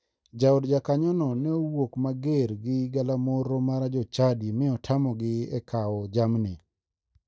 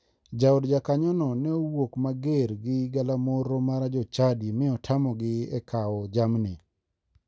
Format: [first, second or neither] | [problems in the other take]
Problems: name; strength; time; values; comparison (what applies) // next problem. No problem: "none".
second | noise reduction (neural mask model DeepFilterNet 3)